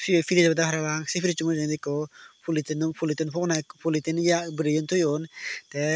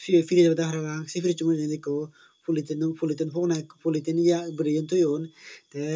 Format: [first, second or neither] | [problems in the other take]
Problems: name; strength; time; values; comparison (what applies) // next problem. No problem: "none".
first | room echo; dies away in 0.2 s